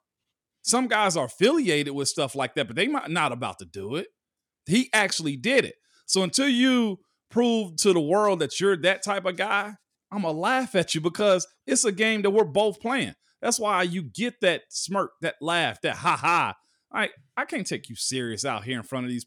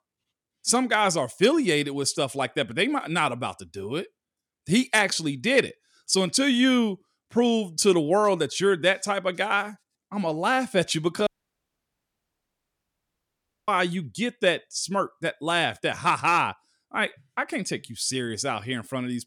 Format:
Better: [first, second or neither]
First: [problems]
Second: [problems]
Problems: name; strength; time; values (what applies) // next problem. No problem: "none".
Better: first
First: none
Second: audio cutting out; at 11 s for 2.5 s